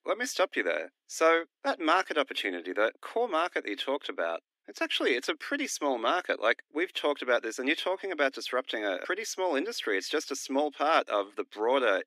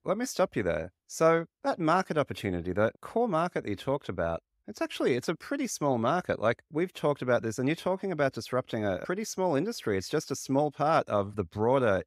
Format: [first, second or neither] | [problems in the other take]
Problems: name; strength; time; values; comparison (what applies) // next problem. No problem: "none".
second | thin; very slightly; fading below 250 Hz